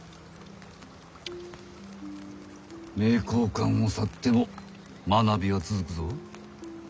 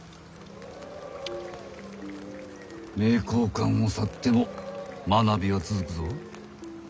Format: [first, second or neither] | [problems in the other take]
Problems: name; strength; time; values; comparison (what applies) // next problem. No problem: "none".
first | background sound (Applause / Crowd / Cheering); 15 dB below the speech